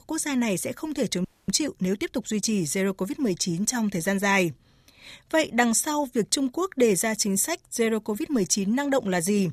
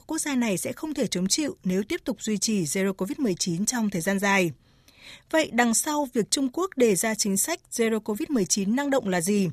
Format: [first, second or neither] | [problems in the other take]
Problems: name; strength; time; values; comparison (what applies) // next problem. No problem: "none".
second | audio freezing; at 1.5 s